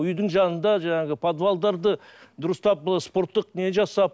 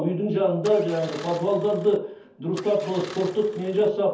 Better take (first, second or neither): first